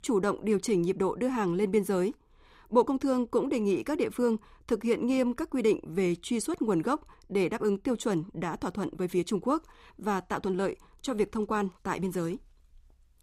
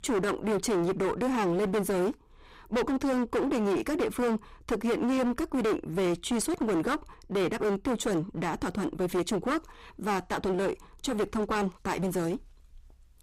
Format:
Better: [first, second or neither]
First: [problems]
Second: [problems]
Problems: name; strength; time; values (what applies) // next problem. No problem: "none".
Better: first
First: none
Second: distortion; heavy; 22% of the sound clipped